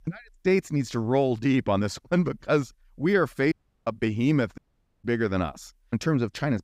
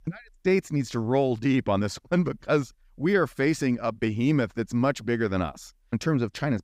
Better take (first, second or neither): second